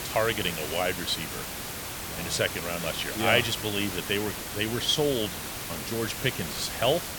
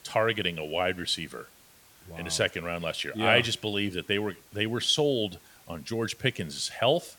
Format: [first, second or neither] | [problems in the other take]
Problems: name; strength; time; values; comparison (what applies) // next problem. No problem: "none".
second | hiss; loud; throughout; 5 dB below the speech; faint in the second